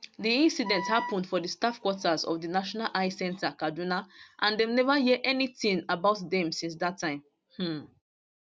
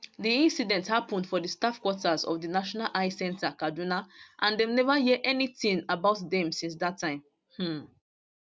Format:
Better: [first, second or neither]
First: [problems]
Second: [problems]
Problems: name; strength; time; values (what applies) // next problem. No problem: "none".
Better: second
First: background sound (Wind instrument, woodwind instrument); 7 dB below the speech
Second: none